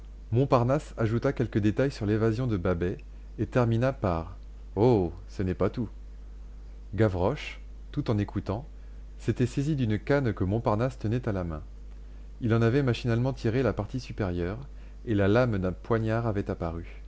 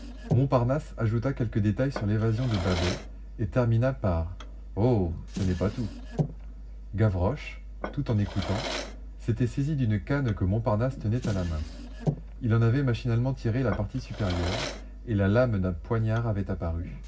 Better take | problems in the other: first | background sound (Drawer open or close); 12 dB below the speech // room echo; dies away in 0.4 s

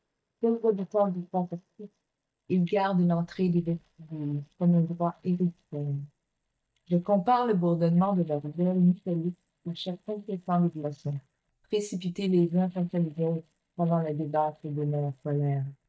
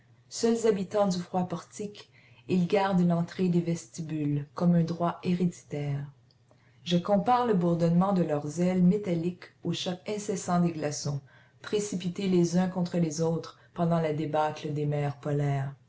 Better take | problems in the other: second | noise reduction (neural mask model DeepFilterNet 3)

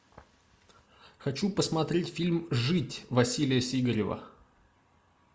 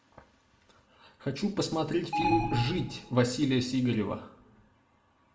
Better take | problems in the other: first | background sound (Alarm); 1 dB below the speech // room echo; dies away in 0.6 s

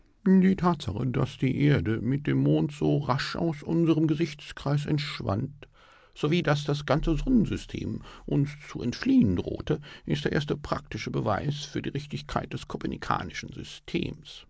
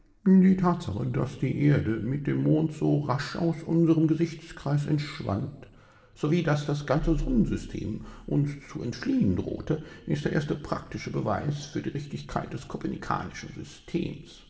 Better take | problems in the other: first | room echo; dies away in 1.2 s

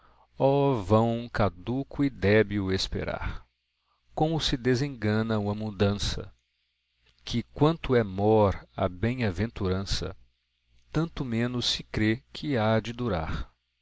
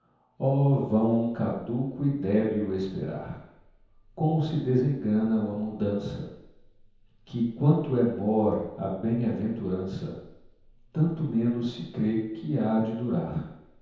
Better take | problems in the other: first | room echo; dies away in 0.9 s

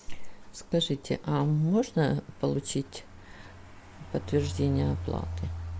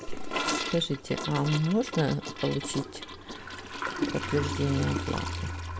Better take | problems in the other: first | background sound (Toilet flush / Gurgling); 5 dB below the speech

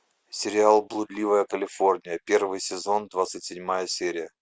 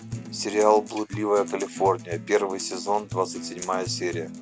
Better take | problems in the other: first | background sound (Acoustic guitar); 11 dB below the speech

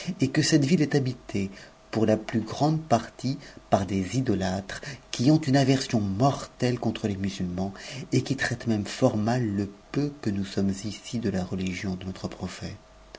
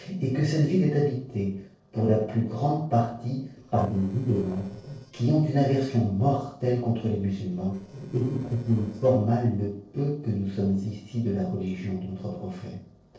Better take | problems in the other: first | noise reduction (neural separator model SepFormer DNS4)

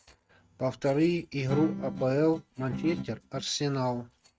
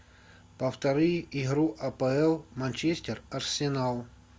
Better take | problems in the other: second | noise reduction (neural mask model RNNoise)

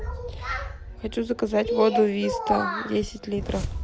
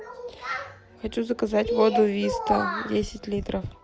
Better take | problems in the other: second | background sound (Whoosh, swoosh, swish); 11 dB below the speech

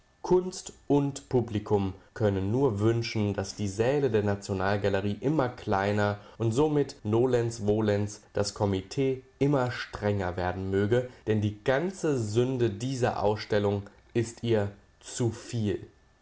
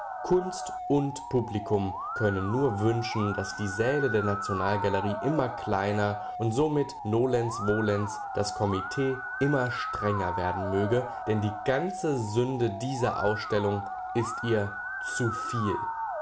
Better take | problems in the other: first | background sound (Musical instrument); 6 dB below the speech

